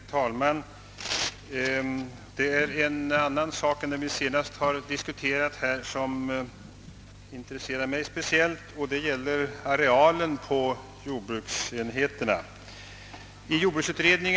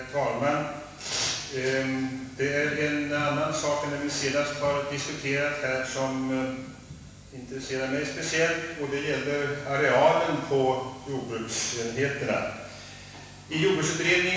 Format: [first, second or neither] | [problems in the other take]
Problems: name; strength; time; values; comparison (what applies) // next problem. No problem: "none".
first | room echo; dies away in 1.1 s